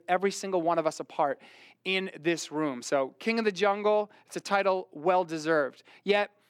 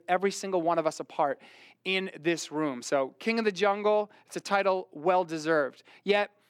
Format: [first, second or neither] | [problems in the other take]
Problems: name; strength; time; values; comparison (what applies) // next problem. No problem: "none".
neither | none